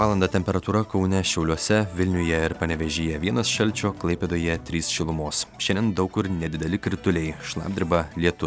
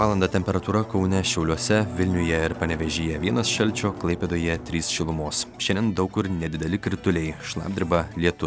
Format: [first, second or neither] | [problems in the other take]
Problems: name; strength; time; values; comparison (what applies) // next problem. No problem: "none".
first | background sound (Drum); 14 dB below the speech